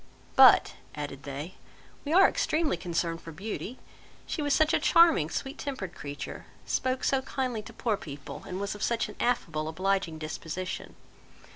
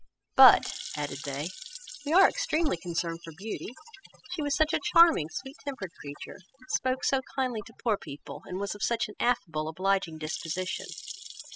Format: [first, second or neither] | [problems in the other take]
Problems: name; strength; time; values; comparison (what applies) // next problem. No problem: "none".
first | noise reduction (classical method spectral subtraction)